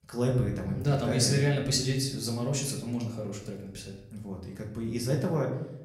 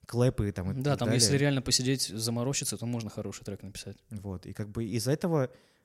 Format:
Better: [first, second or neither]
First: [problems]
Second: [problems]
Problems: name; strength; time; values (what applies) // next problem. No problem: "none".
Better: second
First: room echo; slight; dies away in 0.8 s // off-mic speech; somewhat distant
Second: none